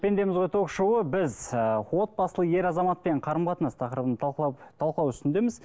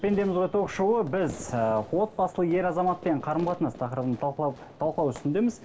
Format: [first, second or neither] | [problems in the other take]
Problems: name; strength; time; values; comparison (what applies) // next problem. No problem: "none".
first | background sound (Fireworks); 19 dB below the speech // room echo; dies away in 2.1 s